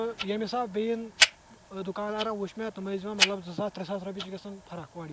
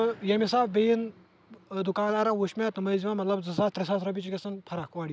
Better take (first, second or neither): second